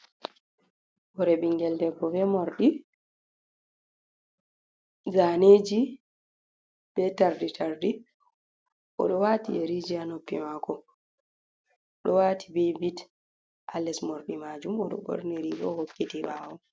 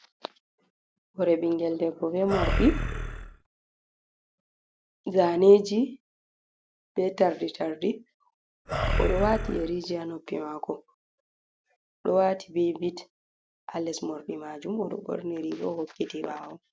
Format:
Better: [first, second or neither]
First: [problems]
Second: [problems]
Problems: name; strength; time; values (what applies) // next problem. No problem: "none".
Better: first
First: none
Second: background sound (Animal); as loud as the speech